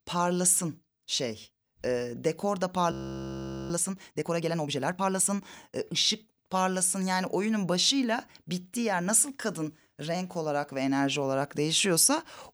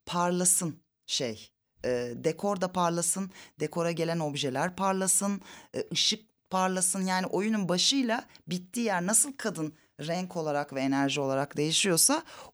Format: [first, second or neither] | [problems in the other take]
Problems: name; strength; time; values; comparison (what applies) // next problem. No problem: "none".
second | audio freezing; at 3 s for 1 s